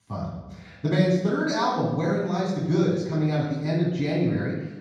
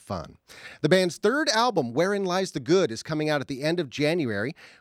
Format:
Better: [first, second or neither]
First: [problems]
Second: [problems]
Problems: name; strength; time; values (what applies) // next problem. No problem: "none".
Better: second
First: room echo; strong; dies away in 1.3 s // off-mic speech; far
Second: none